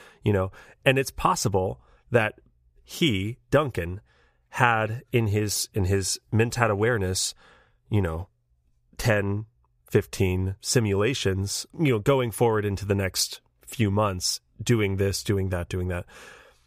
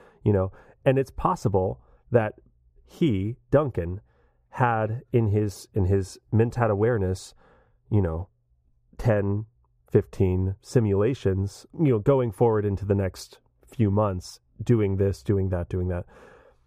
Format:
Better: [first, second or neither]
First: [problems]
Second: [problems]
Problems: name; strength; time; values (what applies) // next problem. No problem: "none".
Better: first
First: none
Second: muffled; very; fading above 1.5 kHz